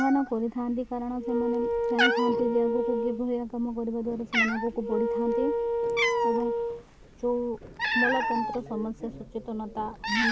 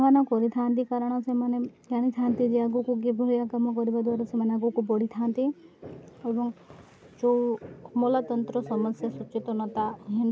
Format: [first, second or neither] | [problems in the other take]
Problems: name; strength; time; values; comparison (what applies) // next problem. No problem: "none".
second | background sound (Cat + Wind instrument, woodwind instrument); 1 dB above the speech